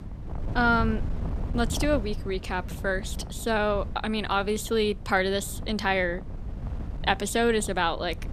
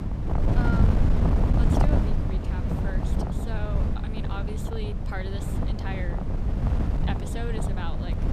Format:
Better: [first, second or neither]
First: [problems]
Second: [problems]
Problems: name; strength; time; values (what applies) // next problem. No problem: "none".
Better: first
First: wind noise on the microphone; occasional gusts; 20 dB below the speech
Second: wind noise on the microphone; heavy; 3 dB above the speech